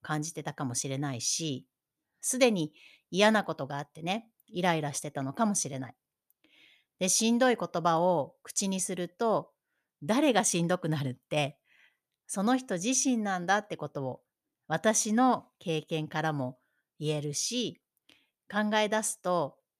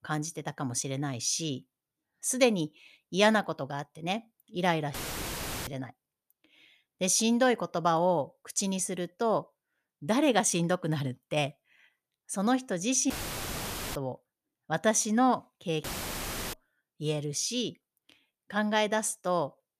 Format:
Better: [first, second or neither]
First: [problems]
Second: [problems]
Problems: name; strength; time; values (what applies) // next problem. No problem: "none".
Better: first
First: none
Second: audio cutting out; filled with static; at 5 s for 0.5 s, at 13 s for 1 s and at 16 s for 0.5 s